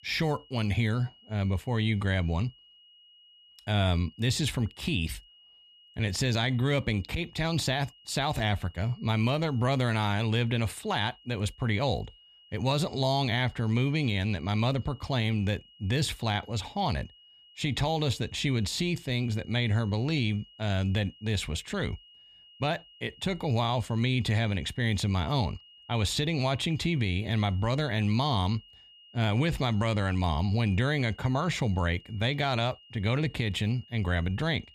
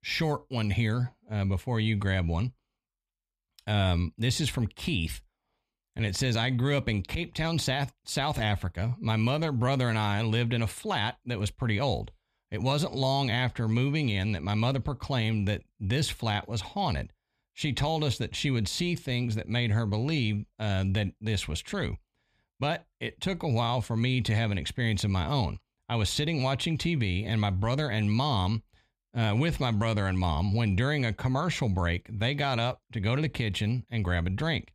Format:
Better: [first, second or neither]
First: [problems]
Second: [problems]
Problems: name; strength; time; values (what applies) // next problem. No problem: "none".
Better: second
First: high-pitched whine; faint; throughout; 3 kHz, 25 dB below the speech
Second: none